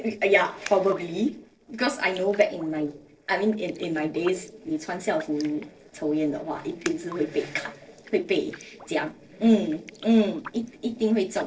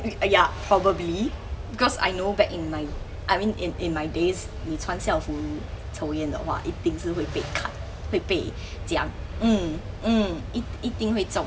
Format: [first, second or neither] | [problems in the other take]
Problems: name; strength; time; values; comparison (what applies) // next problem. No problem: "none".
second | noise reduction (neural separator model SepFormer DNS4)